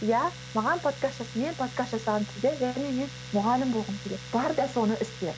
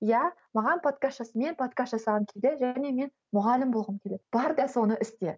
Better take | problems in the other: second | background sound (Domestic sounds, home sounds); 13 dB below the speech

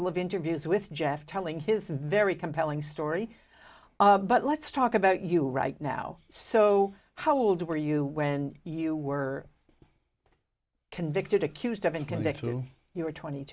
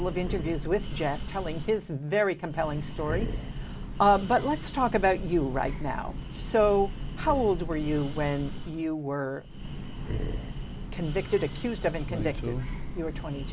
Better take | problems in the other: first | background sound (Breathing); 5 dB below the speech

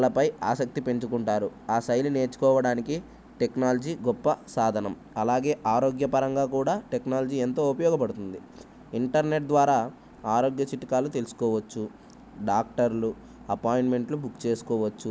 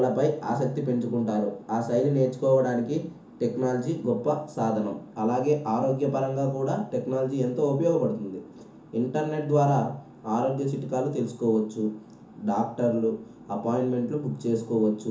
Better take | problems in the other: first | room echo; dies away in 0.7 s

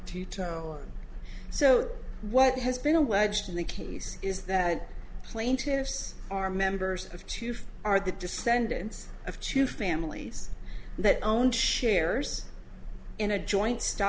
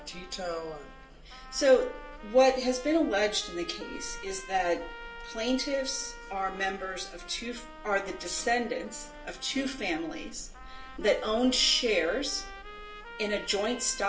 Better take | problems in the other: first | background sound (Trumpet); 17 dB below the speech // room echo; dies away in 0.2 s

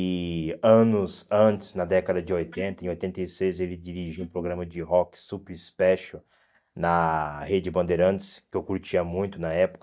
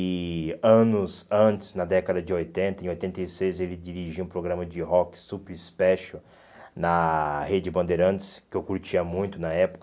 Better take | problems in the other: second | noise reduction (neural mask model DeepFilterNet 3)

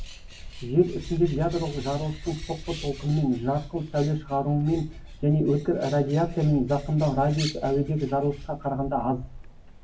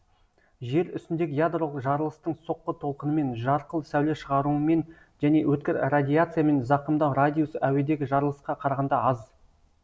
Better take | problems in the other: second | background sound (Bird); 13 dB below the speech // room echo; dies away in 0.3 s

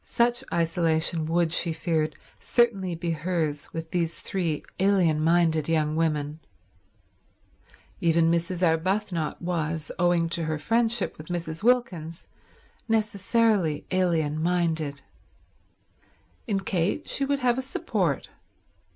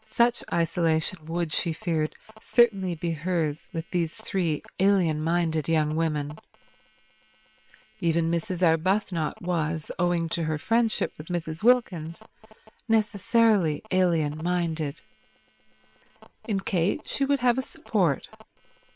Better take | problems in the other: first | noise reduction (neural separator model SepFormer WHAM!)

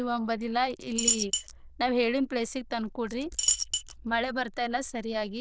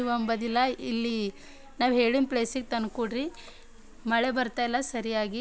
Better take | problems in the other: second | noise reduction (neural diffusion model UNIVERSE++)

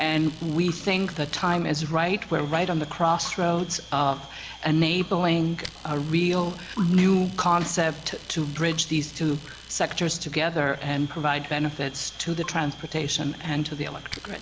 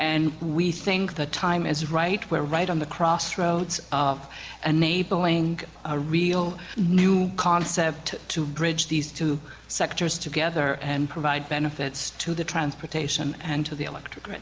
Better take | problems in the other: second | background sound (Domestic sounds, home sounds + Drip); 20 dB below the speech

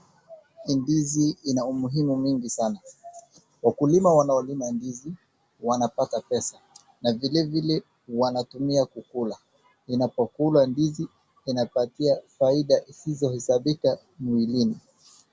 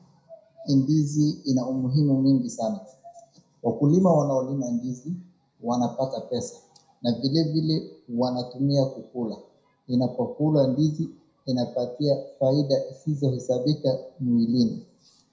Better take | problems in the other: first | room echo; dies away in 0.5 s

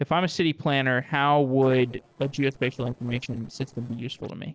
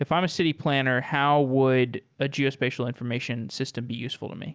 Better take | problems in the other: second | noise reduction (neural separator model SepFormer DNS4)

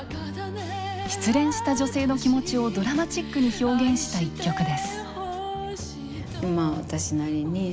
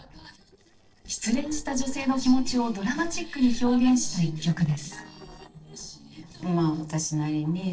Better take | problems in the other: first | noise reduction (neural separator model SepFormer DNS4)

